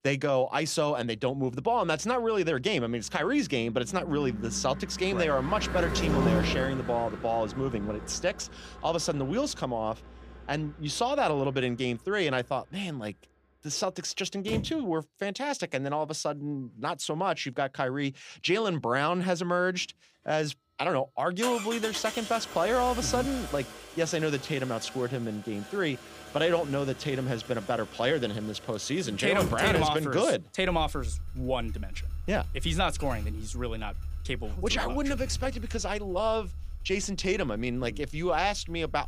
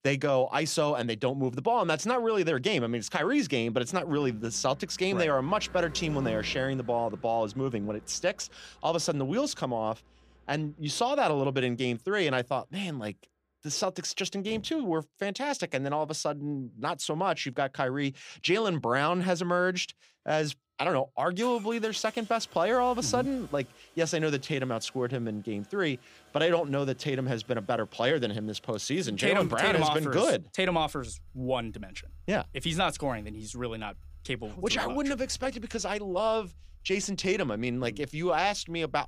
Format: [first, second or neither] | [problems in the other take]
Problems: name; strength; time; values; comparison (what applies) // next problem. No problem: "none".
second | traffic noise; loud; throughout; 8 dB below the speech; faint in the second